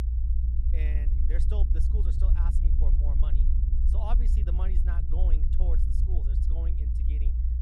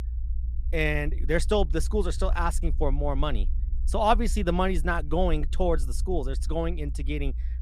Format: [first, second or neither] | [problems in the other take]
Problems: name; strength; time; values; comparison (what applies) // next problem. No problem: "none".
second | low rumble; loud; throughout; 1 dB below the speech; faint in the second